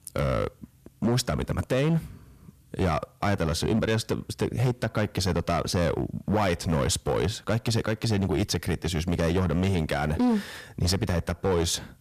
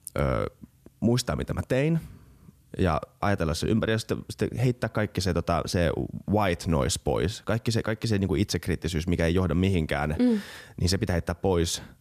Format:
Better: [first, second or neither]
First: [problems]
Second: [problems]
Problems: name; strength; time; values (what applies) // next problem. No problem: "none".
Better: second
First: distortion; slight; 9% of the sound clipped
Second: none